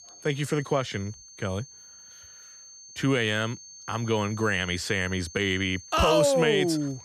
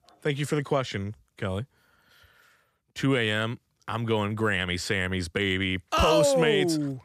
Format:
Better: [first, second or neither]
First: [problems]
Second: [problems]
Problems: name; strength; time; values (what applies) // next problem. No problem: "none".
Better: second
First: high-pitched whine; noticeable; throughout; 6.5 kHz, 20 dB below the speech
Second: none